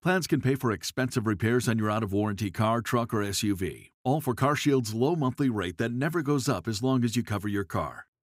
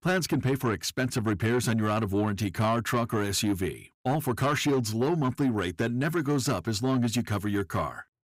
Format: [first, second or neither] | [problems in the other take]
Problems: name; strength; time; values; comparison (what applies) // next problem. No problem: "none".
first | distortion; slight; 10 dB below the speech